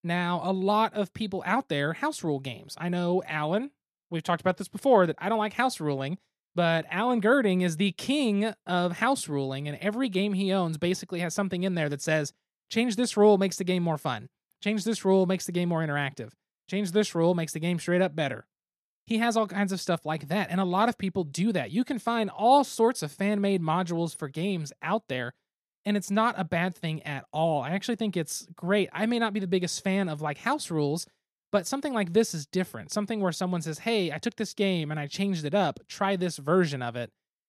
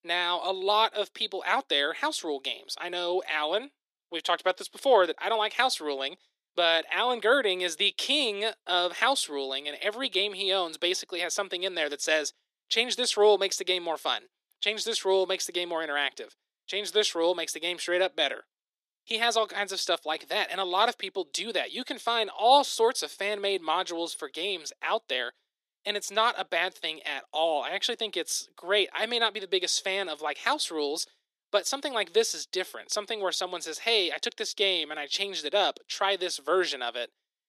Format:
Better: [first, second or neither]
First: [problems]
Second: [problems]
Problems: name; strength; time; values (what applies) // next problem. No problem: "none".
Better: first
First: none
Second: thin; very; fading below 350 Hz